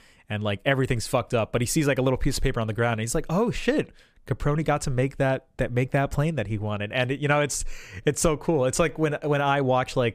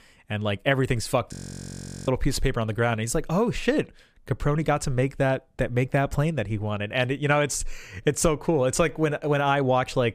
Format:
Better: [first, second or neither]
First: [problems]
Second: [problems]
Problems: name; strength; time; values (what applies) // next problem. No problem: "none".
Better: first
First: none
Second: audio freezing; at 1.5 s for 1 s